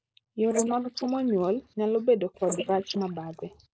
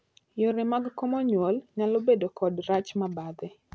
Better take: second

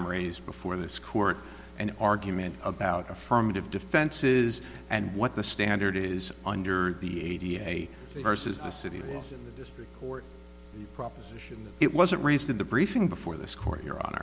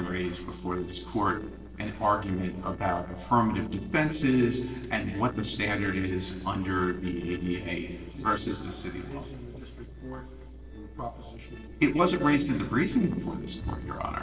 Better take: first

